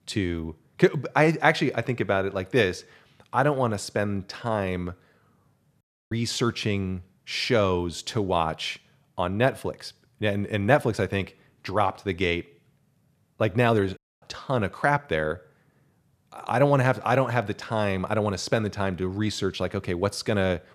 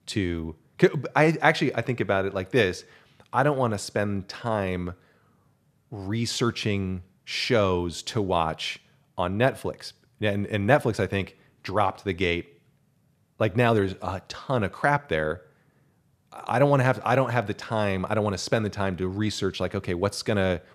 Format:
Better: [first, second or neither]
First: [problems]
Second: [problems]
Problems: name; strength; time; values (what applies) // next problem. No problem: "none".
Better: second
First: audio cutting out; at 6 s and at 14 s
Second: none